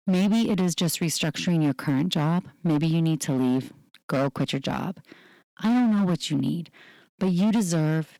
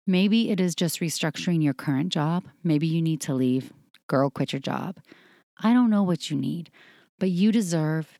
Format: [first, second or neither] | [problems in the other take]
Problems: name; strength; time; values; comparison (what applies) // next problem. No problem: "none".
second | distortion; slight; 13% of the sound clipped